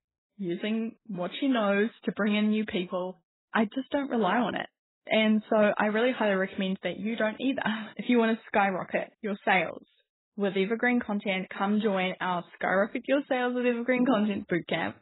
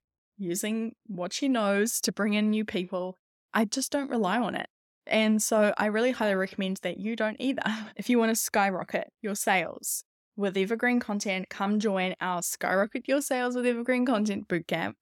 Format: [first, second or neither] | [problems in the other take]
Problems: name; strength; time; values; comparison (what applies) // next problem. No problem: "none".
second | garbled, watery; badly; nothing above 4 kHz